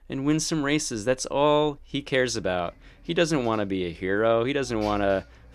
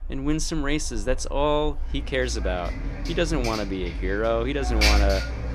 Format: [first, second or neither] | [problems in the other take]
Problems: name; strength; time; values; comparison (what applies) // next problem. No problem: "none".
first | traffic noise; loud; throughout; 2 dB below the speech; faint in the first